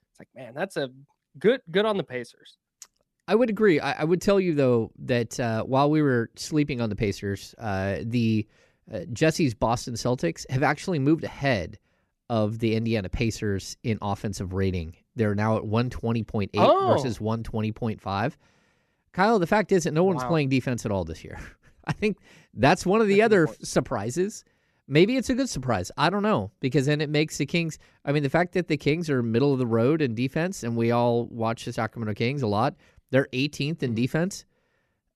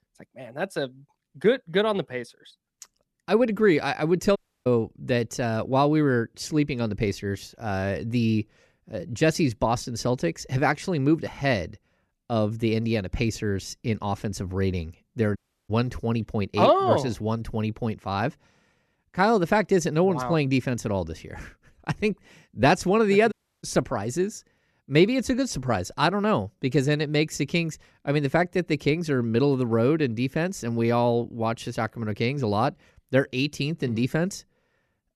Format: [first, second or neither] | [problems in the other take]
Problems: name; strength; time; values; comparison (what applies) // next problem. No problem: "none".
first | audio cutting out; at 4.5 s, at 15 s and at 23 s